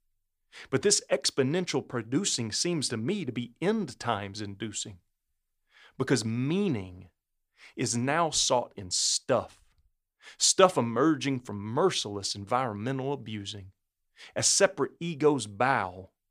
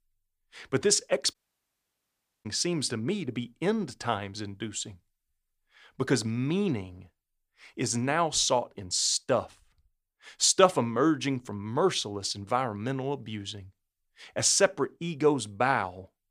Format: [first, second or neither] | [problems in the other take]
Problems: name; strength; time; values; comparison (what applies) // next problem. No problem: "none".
first | audio cutting out; at 1.5 s for 1 s